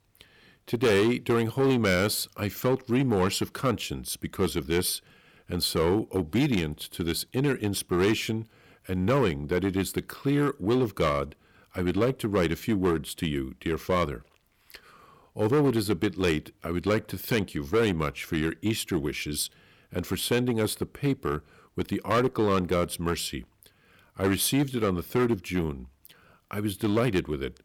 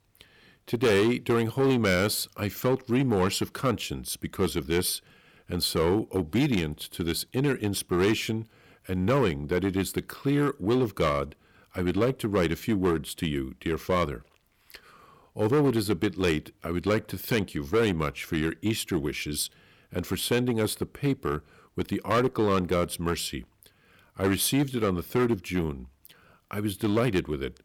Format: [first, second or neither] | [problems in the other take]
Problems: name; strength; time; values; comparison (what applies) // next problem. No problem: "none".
neither | distortion; slight; 5% of the sound clipped; the same in both